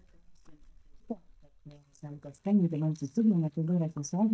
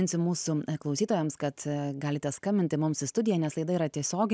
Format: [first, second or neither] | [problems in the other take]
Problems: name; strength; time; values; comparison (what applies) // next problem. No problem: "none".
second | noise reduction (neural mask model DeepFilterNet 3)